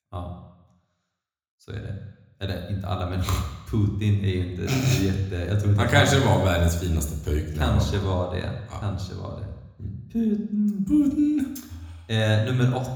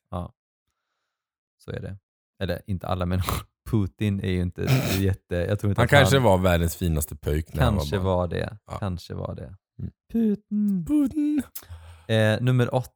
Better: second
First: room echo; slight; dies away in 0.9 s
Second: none

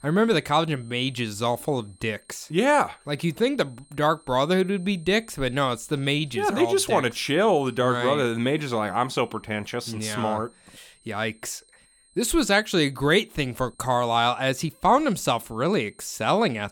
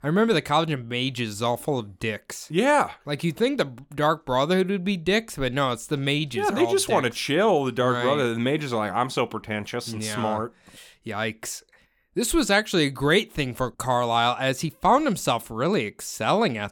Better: second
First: high-pitched whine; faint; throughout; 8.5 kHz, 30 dB below the speech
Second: none

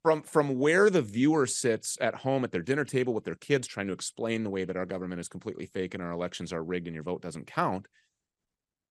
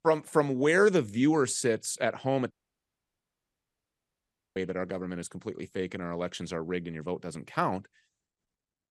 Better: first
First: none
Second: audio cutting out; at 2.5 s for 2 s

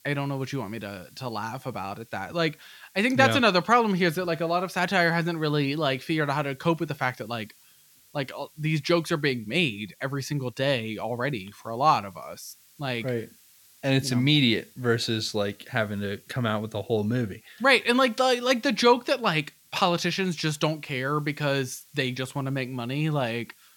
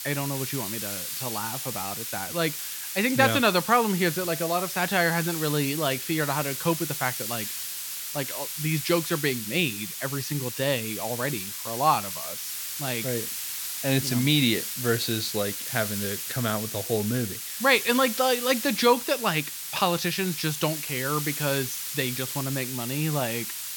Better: first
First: hiss; faint; throughout; 30 dB below the speech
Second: hiss; loud; throughout; 4 dB below the speech

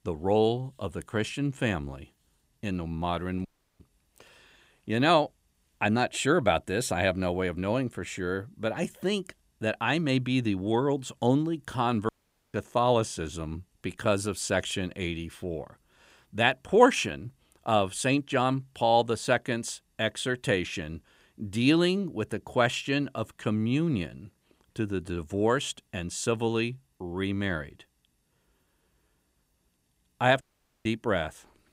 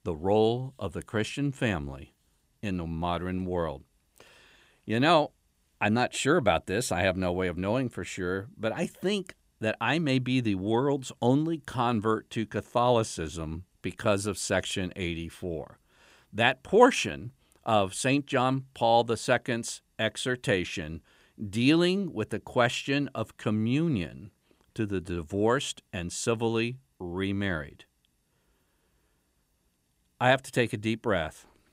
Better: second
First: audio cutting out; at 3.5 s, at 12 s and at 30 s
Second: none

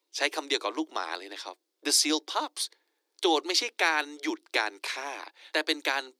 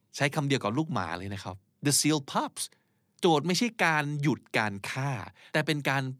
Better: second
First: thin; somewhat; fading below 300 Hz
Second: none

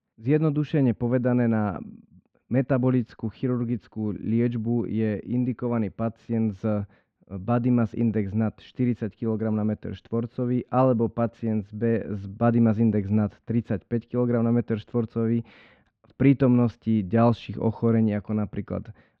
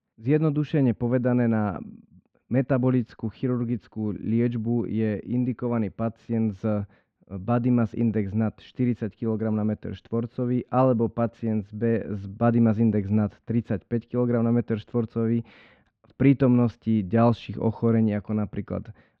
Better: neither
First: muffled; very; fading above 2.5 kHz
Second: muffled; very; fading above 2.5 kHz

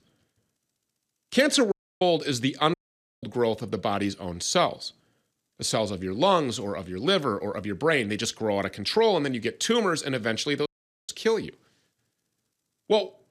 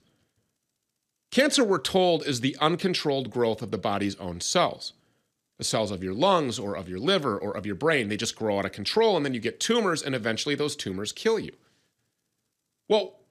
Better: second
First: audio cutting out; at 1.5 s, at 2.5 s and at 11 s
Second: none

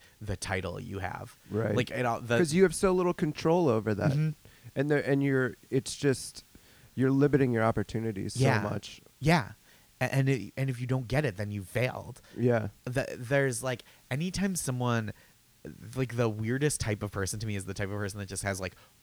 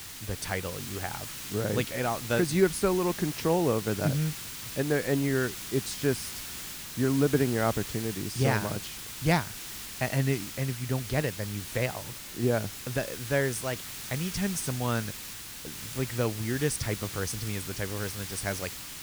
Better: first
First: hiss; faint; throughout; 30 dB below the speech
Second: hiss; loud; throughout; 7 dB below the speech

